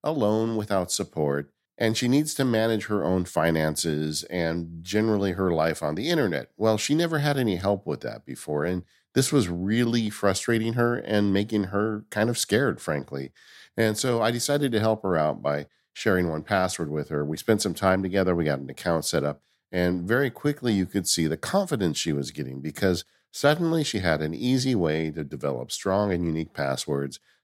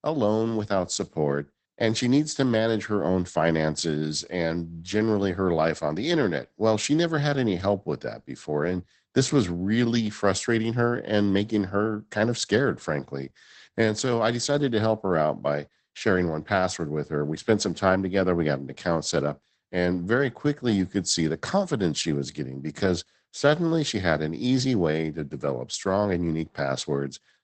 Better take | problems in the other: first | garbled, watery; badly; nothing above 8 kHz

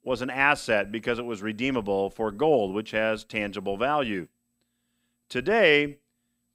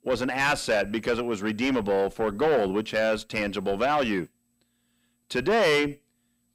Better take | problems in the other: first | distortion; heavy; 6 dB below the speech

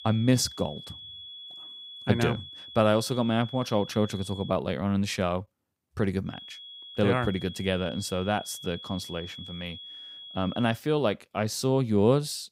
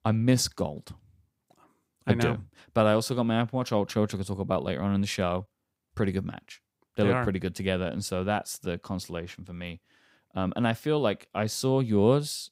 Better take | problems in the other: second | high-pitched whine; noticeable; until 4.5 s and from 6.5 to 11 s; 3.5 kHz, 15 dB below the speech

